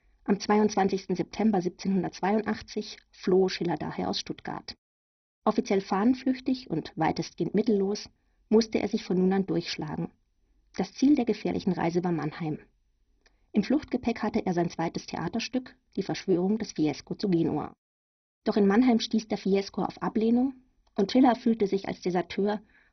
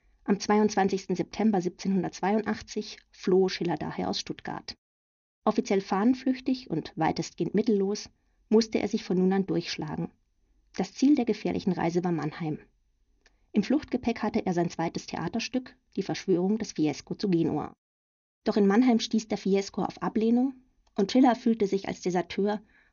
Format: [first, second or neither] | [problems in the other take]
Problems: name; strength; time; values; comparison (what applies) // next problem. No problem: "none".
second | garbled, watery; badly; nothing above 6 kHz; slightly in the second